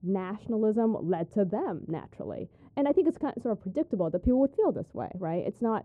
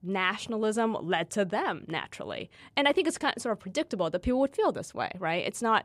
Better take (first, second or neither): second